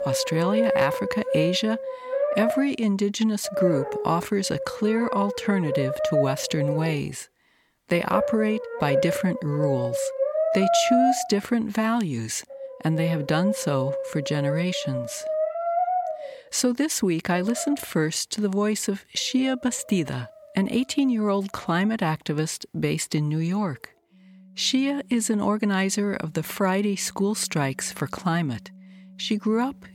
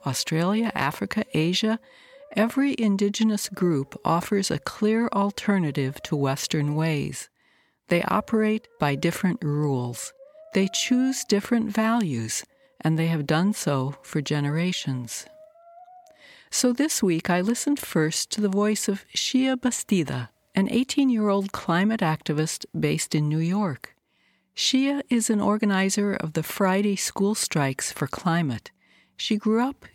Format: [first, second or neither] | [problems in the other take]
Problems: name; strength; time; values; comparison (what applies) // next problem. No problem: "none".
second | background music; loud; throughout; 2 dB below the speech; faint in the second